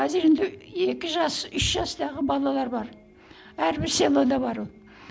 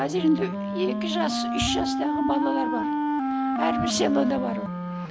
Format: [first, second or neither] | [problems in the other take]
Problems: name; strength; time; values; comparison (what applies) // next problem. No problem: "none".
first | background sound (Wind instrument, woodwind instrument); as loud as the speech